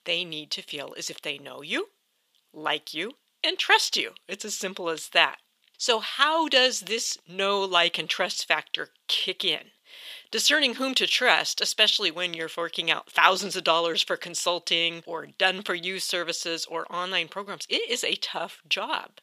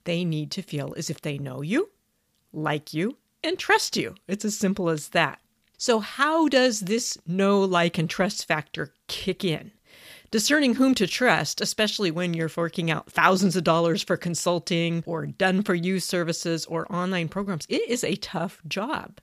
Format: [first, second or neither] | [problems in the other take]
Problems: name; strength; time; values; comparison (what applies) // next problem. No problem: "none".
second | thin; somewhat; fading below 450 Hz